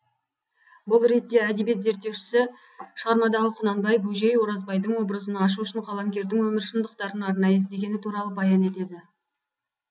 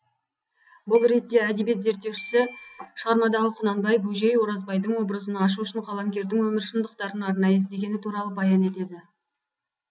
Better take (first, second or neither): first